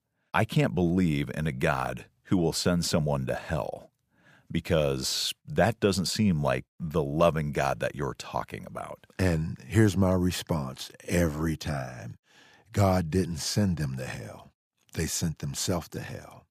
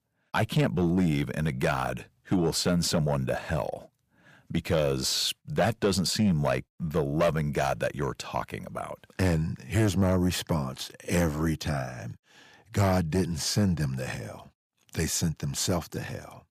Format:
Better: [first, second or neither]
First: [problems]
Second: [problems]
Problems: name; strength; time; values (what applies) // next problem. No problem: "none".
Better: first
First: none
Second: distortion; slight; 10 dB below the speech